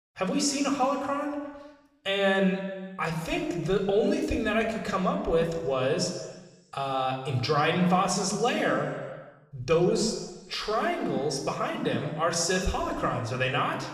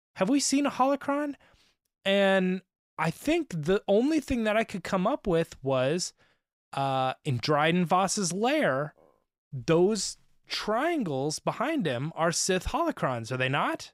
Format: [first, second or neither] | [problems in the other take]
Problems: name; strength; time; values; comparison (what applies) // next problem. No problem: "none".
second | room echo; slight; dies away in 1.2 s